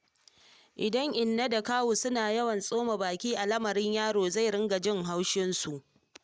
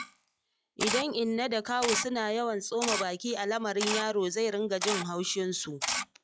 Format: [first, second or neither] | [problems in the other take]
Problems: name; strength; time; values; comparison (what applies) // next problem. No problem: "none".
first | noise reduction (classical method log-MMSE)